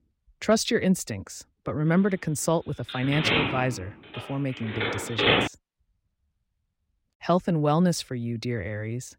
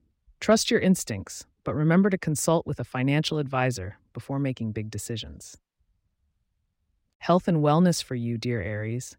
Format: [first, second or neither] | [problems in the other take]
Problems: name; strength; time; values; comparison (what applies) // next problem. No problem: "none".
second | phone ringing; loud; from 3 to 5.5 s; peak 6 dB above the speech